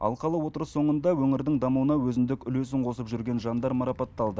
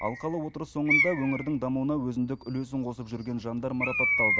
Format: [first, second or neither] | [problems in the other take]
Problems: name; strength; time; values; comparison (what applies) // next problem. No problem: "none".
first | background sound (Bird); 1 dB below the speech